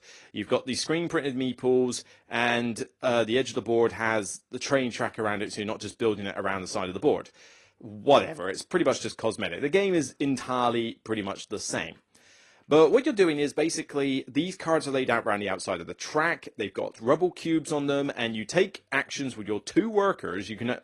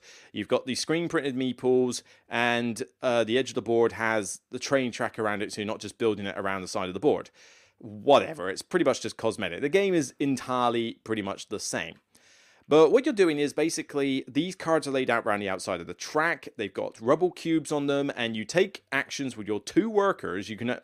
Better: second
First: garbled, watery; slightly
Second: none

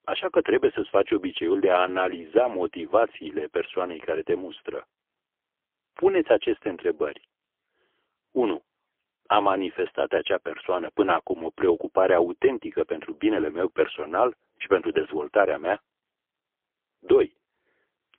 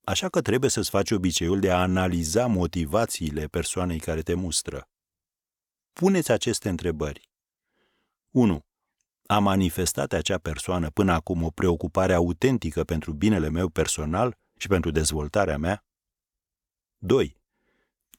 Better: second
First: phone-call audio; poor line; nothing above 3.5 kHz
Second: none

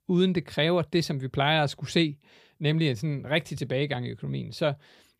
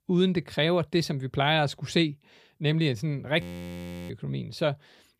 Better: first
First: none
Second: audio freezing; at 3.5 s for 0.5 s

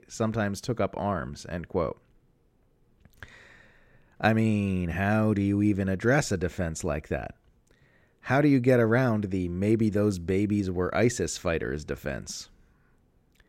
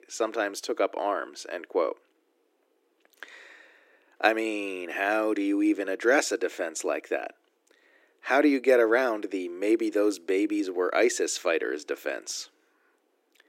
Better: first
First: none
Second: thin; somewhat; fading below 300 Hz

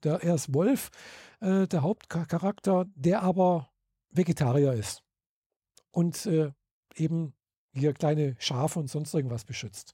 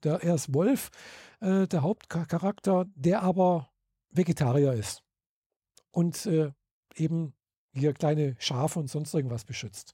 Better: neither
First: none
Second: none

